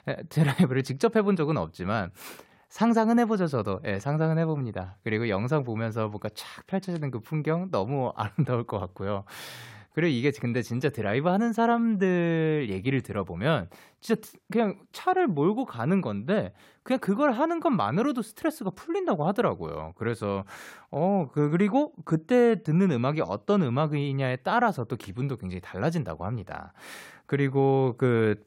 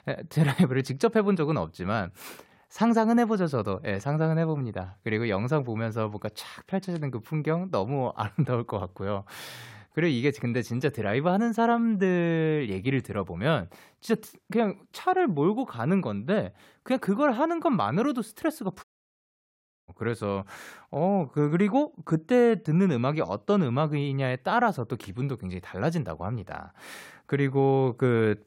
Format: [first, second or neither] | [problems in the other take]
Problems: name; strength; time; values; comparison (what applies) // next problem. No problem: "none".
first | audio cutting out; at 19 s for 1 s